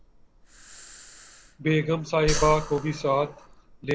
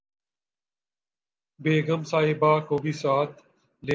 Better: second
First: background sound (Breathing); 8 dB below the speech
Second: none

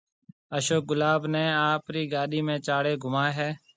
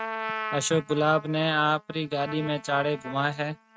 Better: first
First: none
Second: noise reduction (neural mask model RNNoise)

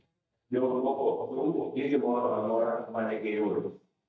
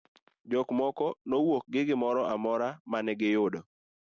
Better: second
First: noise reduction (neural mask model DeepFilterNet 3)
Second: none

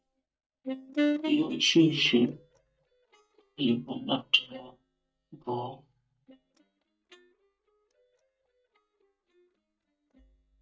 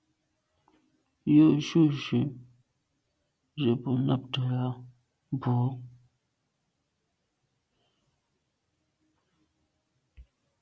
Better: second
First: noise reduction (neural mask model DeepFilterNet 3)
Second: none

